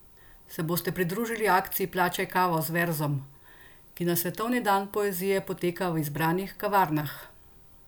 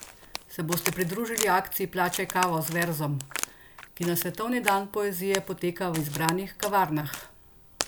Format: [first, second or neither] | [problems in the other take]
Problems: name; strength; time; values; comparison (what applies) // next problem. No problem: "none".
first | background sound (Crack); 9 dB below the speech